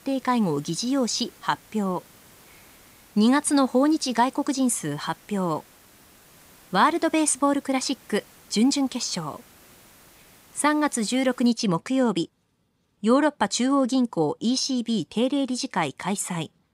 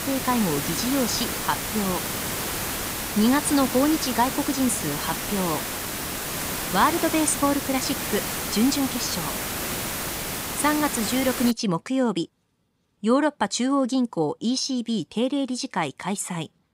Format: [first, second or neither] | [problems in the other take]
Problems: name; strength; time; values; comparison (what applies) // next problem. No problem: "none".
first | hiss; loud; until 12 s; 3 dB below the speech; faint in the first